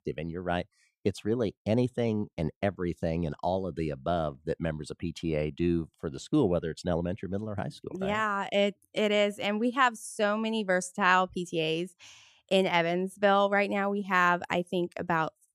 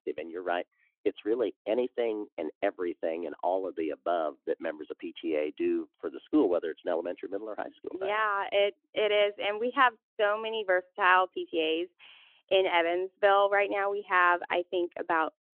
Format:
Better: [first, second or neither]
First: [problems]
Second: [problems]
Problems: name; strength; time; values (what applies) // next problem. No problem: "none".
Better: first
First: none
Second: phone-call audio; nothing above 3.5 kHz